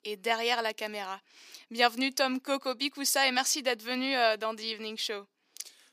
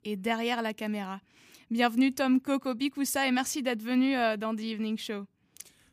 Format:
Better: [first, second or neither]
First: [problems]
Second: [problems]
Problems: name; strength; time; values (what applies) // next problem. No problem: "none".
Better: second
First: thin; somewhat; fading below 400 Hz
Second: none